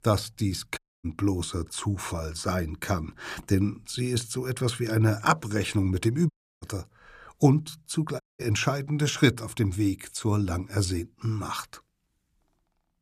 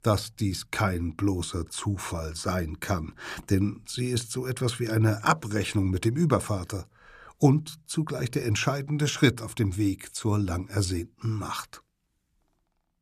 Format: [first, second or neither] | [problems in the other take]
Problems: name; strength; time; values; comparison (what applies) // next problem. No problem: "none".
second | audio cutting out; at 1 s, at 6.5 s and at 8 s